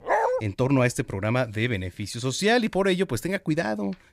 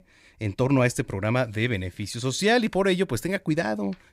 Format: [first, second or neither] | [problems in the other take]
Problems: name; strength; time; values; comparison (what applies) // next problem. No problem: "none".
second | dog barking; loud; at the start; peak 1 dB above the speech